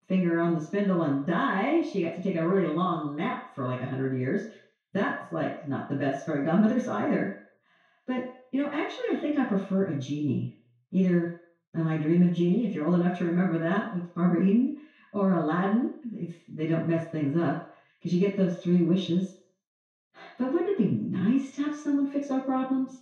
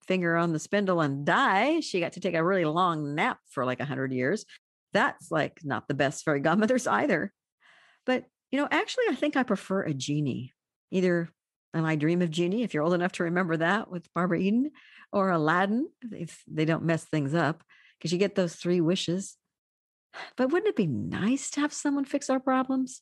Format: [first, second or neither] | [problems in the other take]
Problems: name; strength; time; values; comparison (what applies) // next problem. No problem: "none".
second | room echo; noticeable; dies away in 0.5 s // off-mic speech; far